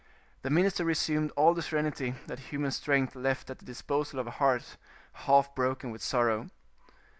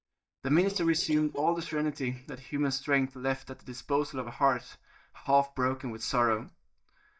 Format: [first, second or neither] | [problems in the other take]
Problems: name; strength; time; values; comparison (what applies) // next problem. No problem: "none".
first | noise reduction (neural mask model DeepFilterNet 3)